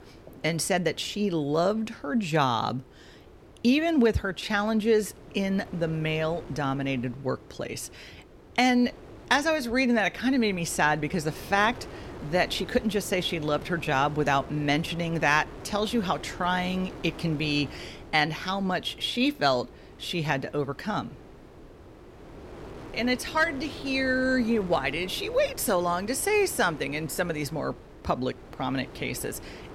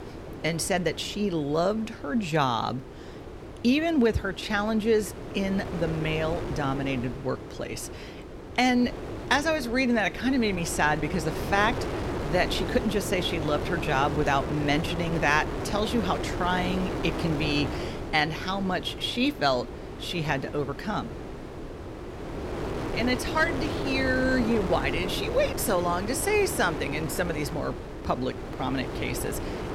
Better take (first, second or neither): first